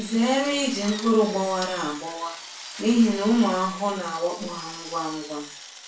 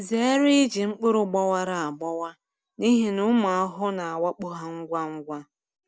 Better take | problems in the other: second | background sound (Drill); 14 dB below the speech // room echo; dies away in 0.3 s

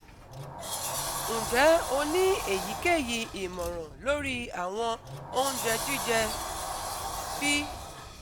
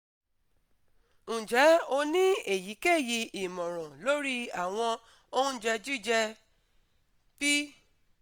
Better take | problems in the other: second | background sound (Sliding door); 5 dB below the speech

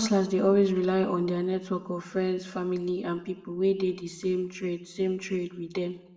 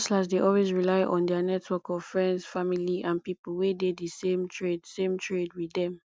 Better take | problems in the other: second | room echo; dies away in 0.7 s

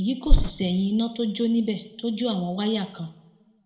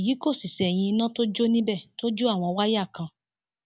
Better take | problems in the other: second | background sound (Bird); 2 dB above the speech // room echo; dies away in 0.6 s

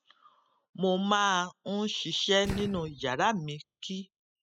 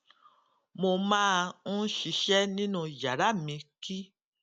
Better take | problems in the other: second | noise reduction (classical method spectral subtraction)

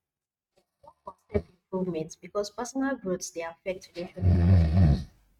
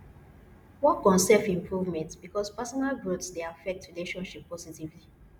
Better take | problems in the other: second | noise reduction (neural mask model RNNoise)

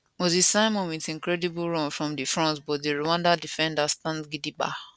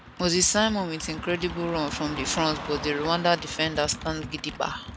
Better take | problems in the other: first | background sound (Computer keyboard + Car passing by / Traffic noise, roadway noise); 11 dB below the speech

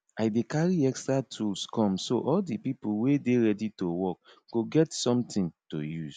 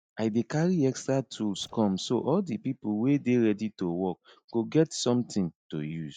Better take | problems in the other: first | noise reduction (neural mask model DeepFilterNet 3)

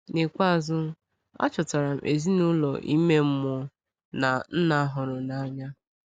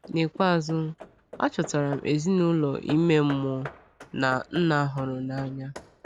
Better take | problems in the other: first | background sound (Hammer / Wood); 18 dB below the speech

